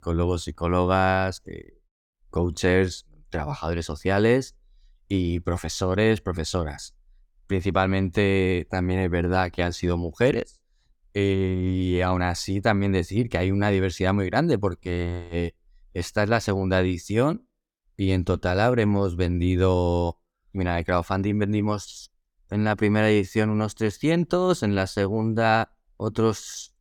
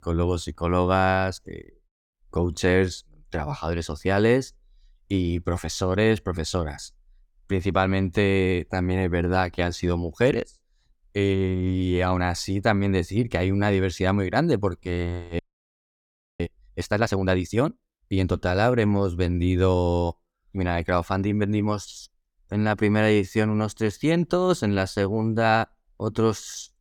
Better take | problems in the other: first | audio freezing; at 15 s for 1 s

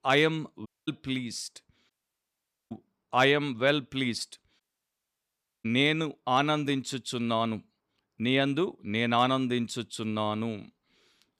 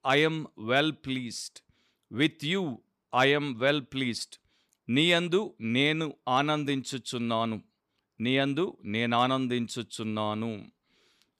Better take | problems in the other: second | audio cutting out; at 0.5 s, at 2 s for 1 s and at 4.5 s for 1 s

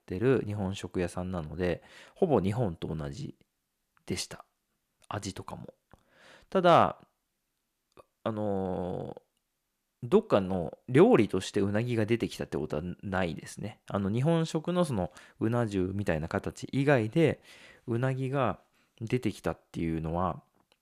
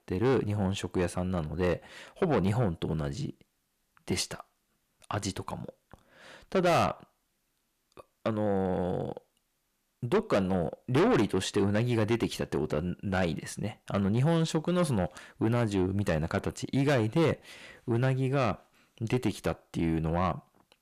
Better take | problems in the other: first | distortion; heavy; 7 dB below the speech

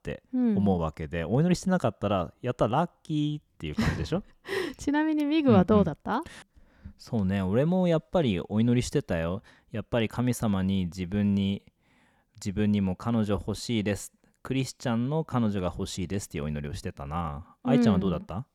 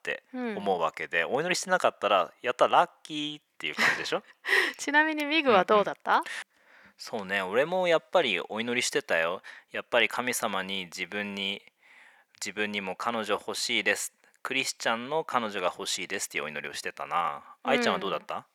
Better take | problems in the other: first | thin; very; fading below 650 Hz

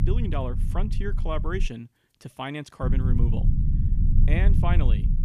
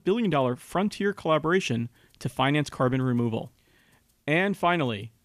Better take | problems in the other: second | low rumble; loud; until 1.5 s and from 3 s on; 6 dB below the speech

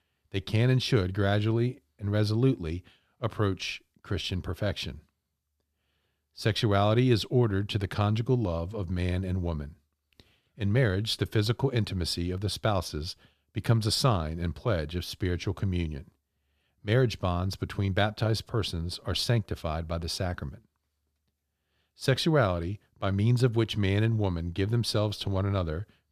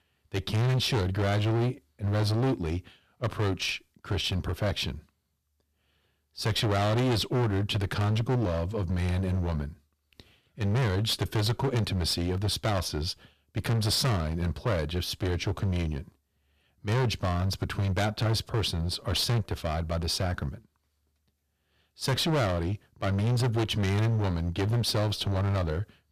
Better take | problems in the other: first | distortion; heavy; 17% of the sound clipped

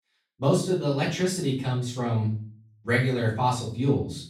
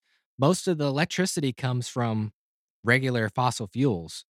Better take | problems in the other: second | off-mic speech; far // room echo; noticeable; dies away in 0.4 s

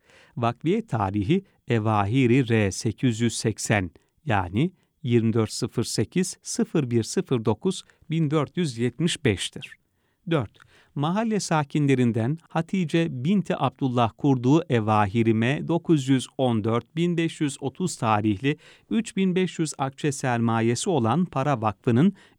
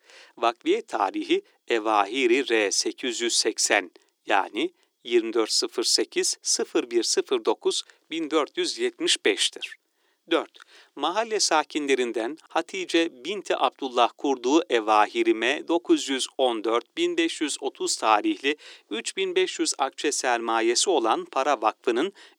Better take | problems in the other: first | thin; very; fading below 350 Hz

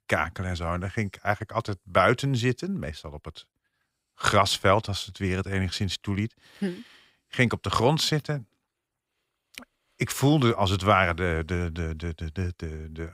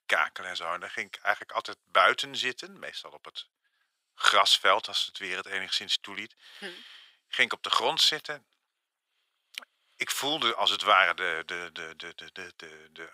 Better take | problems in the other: first | thin; very; fading below 650 Hz

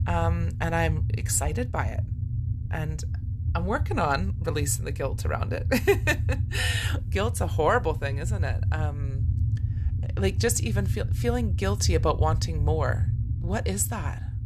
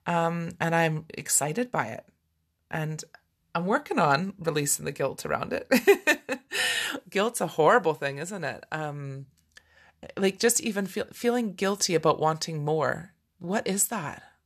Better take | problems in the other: second | low rumble; noticeable; throughout; 15 dB below the speech

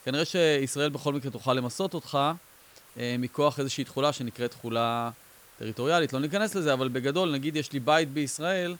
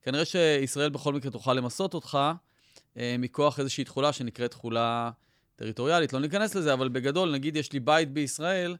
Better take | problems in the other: second | hiss; faint; throughout; 25 dB below the speech

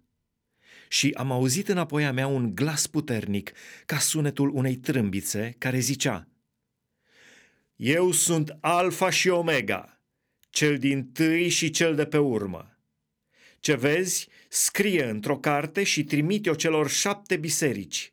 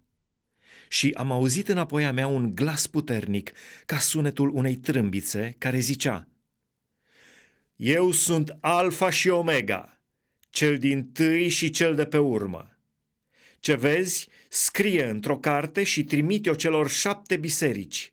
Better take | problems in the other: first | garbled, watery; slightly

